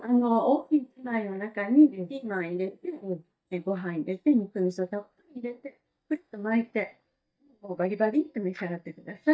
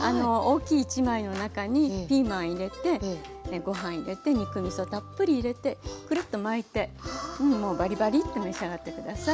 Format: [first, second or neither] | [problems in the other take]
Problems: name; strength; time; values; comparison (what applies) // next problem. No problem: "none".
second | noise reduction (neural mask model DeepFilterNet 3)